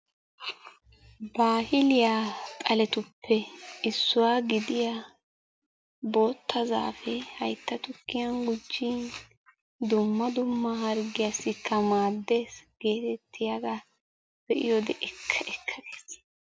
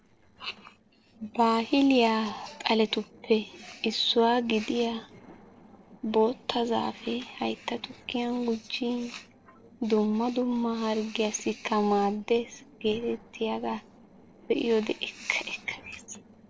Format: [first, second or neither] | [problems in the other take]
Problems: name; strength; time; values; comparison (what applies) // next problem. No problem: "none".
first | noise reduction (neural separator model SepFormer DNS4)